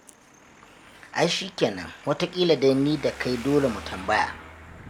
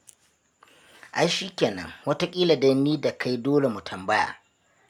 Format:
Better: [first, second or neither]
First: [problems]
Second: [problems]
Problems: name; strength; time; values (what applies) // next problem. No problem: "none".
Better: second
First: background sound (Traffic noise, roadway noise); 17 dB below the speech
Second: none